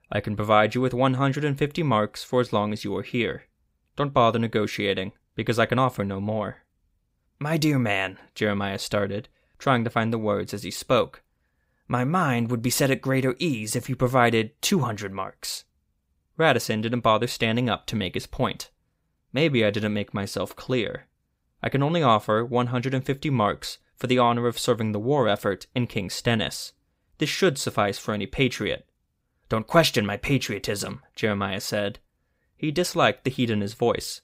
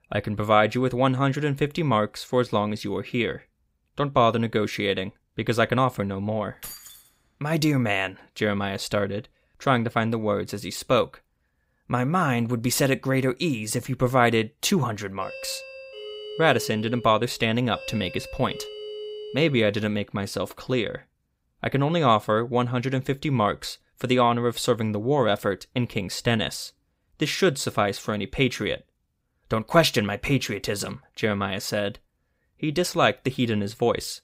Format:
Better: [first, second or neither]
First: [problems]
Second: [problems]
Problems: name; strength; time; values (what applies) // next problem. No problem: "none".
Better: first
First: none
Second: jangling keys; faint; at 6.5 s; peak 15 dB below the speech // doorbell; faint; from 15 to 20 s; peak 10 dB below the speech